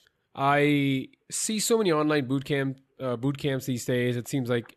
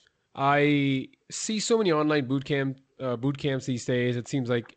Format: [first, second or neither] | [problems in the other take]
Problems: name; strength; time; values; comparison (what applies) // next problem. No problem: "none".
first | garbled, watery; slightly; nothing above 8 kHz